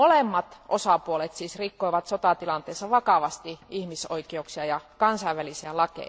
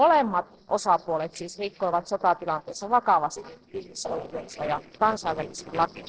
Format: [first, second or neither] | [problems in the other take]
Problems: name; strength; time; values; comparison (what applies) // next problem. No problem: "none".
first | noise reduction (neural separator model SepFormer DNS4)